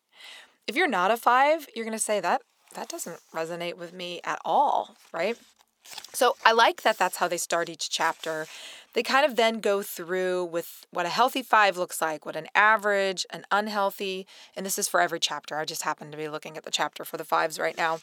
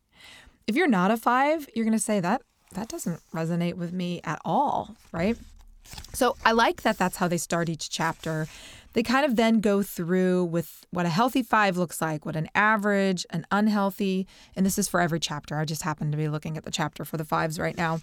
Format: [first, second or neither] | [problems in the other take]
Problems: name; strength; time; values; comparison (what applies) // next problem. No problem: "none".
second | thin; very; fading below 500 Hz